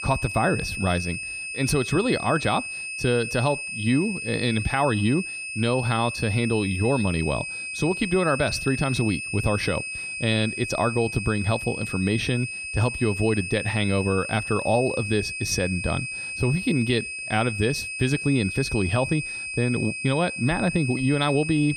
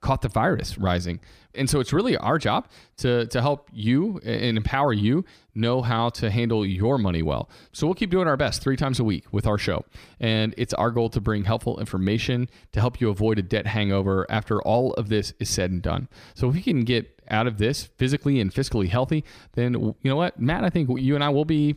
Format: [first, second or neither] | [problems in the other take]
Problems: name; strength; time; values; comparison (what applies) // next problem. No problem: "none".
second | high-pitched whine; loud; throughout; 2.5 kHz, 5 dB below the speech